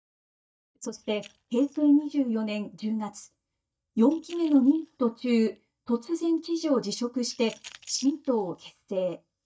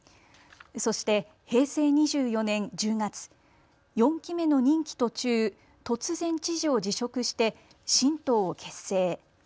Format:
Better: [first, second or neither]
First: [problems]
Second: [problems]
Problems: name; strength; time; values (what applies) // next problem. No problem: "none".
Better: second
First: noise reduction (neural mask model DeepFilterNet 3)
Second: none